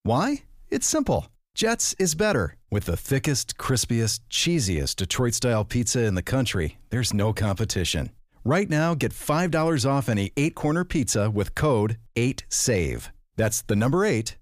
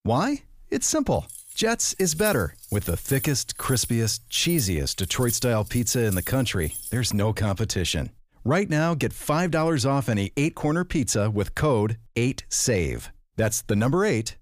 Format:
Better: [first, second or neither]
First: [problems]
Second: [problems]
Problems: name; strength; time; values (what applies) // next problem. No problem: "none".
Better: first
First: none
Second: jangling keys; noticeable; from 1.5 to 7 s; peak 7 dB below the speech